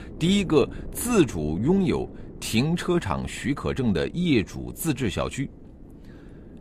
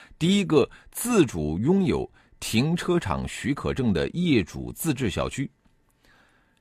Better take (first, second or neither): second